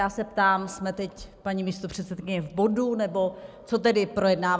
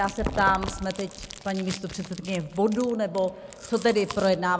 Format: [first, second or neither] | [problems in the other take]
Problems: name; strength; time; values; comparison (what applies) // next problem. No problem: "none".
first | background sound (Chewing, mastication); 12 dB below the speech